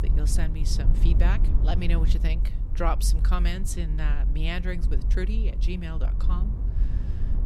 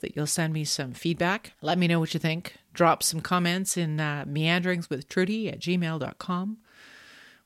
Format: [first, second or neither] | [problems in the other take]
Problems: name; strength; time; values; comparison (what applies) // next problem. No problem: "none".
second | low rumble; loud; throughout; 10 dB below the speech